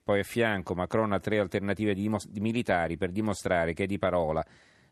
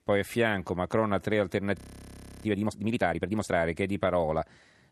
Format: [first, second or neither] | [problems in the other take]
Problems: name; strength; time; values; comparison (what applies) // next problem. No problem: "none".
first | audio freezing; at 2 s for 0.5 s